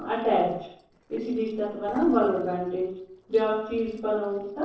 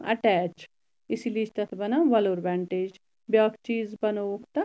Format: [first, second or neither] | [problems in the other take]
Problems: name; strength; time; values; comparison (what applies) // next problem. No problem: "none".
second | noise reduction (neural separator model SepFormer DNS4)